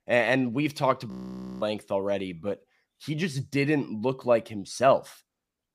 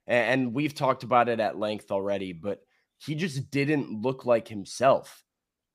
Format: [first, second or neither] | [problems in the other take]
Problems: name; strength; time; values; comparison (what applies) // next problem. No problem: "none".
second | audio freezing; at 1 s for 0.5 s